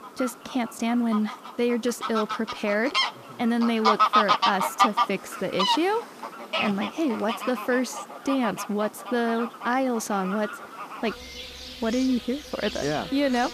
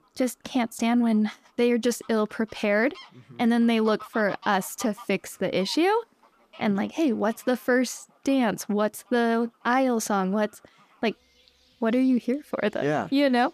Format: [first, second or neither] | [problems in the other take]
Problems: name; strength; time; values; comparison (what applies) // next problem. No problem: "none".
second | animal sounds; loud; throughout; 2 dB below the speech; faint in the second